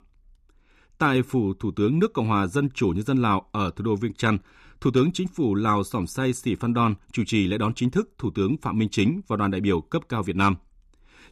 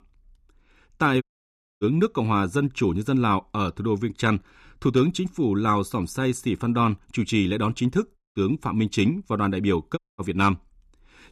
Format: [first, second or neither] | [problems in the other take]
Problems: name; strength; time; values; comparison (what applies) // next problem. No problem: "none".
first | audio cutting out; at 1 s for 0.5 s, at 8 s and at 10 s